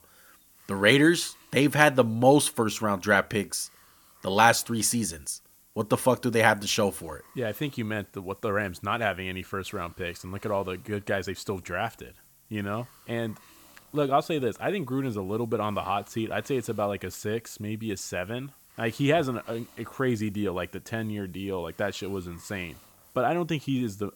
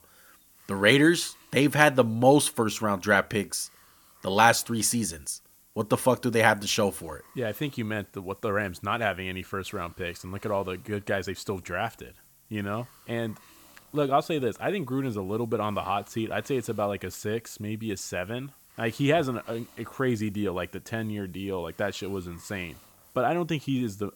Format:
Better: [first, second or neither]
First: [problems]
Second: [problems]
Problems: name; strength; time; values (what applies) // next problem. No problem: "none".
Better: neither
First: hiss; faint; throughout; 25 dB below the speech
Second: hiss; faint; throughout; 25 dB below the speech